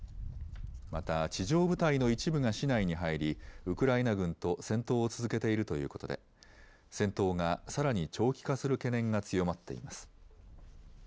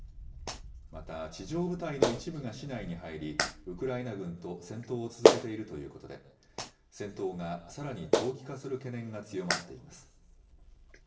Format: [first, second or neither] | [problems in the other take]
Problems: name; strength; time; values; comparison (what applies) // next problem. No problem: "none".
first | background sound (Clapping); 4 dB above the speech // room echo; dies away in 1 s